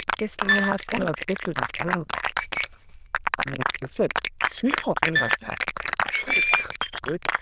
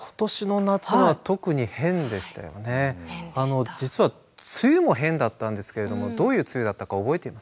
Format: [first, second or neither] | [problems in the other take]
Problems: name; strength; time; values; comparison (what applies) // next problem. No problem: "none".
second | noise reduction (neural diffusion model UNIVERSE++)